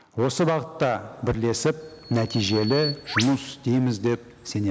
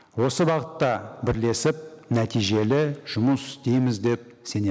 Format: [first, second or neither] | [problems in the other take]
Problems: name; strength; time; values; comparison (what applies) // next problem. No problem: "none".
second | background sound (Bird vocalization, bird call, bird song); 13 dB below the speech